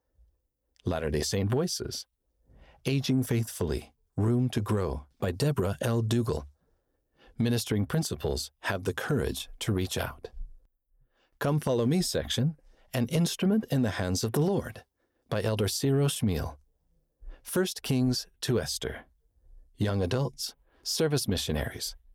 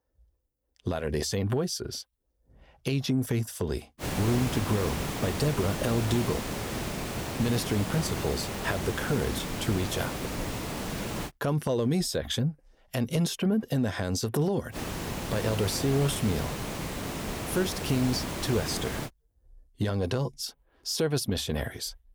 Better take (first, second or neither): first